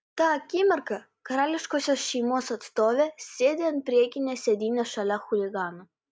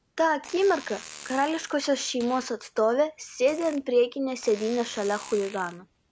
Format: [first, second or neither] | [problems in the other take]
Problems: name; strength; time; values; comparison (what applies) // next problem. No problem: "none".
first | background sound (Fart); 19 dB below the speech